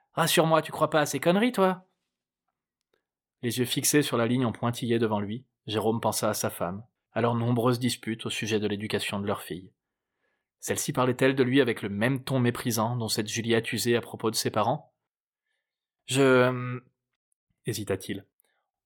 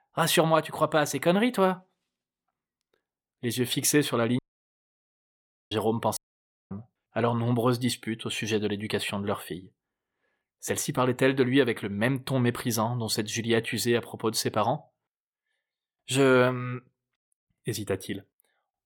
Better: first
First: none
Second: audio cutting out; at 4.5 s for 1.5 s and at 6 s for 0.5 s

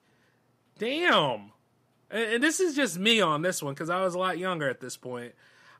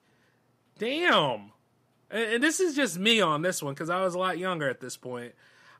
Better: neither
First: none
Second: none

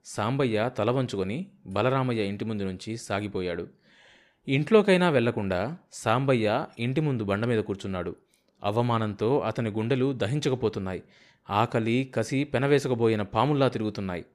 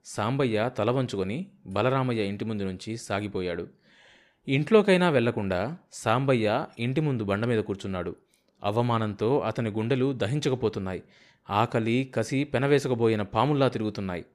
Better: neither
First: none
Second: none

